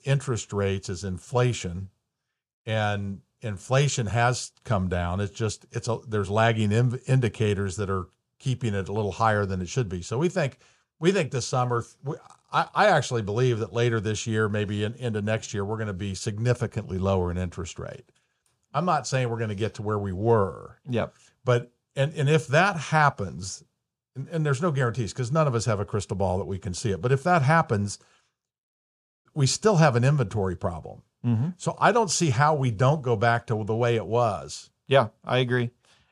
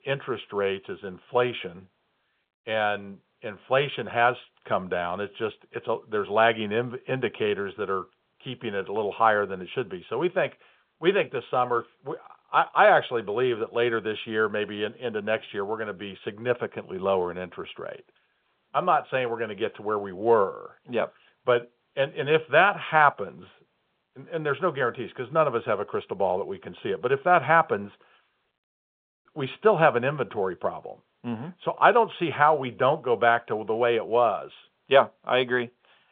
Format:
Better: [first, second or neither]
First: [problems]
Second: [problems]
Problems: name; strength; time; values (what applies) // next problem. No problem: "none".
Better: first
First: none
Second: phone-call audio; nothing above 3.5 kHz